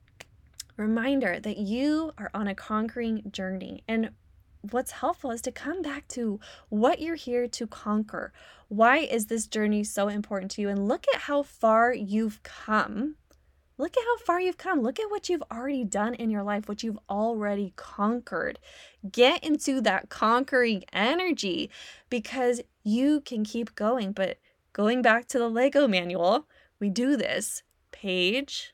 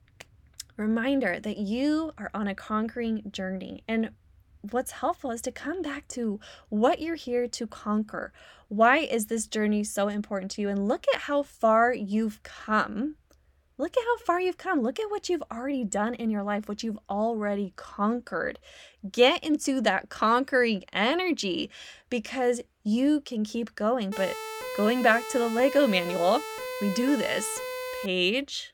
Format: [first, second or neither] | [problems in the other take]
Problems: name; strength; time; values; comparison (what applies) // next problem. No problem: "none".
first | siren; noticeable; from 24 to 28 s; peak 7 dB below the speech